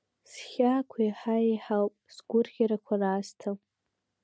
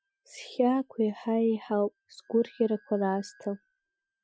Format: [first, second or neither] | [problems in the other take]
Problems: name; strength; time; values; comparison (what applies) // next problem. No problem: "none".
first | noise reduction (classical method Wiener filter)